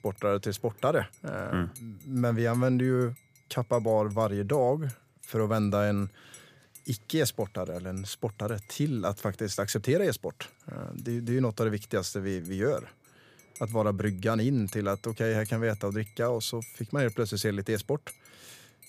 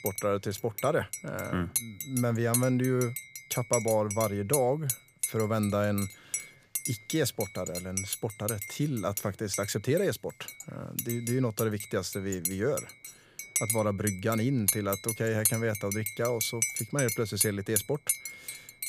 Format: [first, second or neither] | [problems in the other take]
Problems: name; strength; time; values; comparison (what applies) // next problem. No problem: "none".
first | household noises; loud; throughout; 3 dB below the speech; faint in the first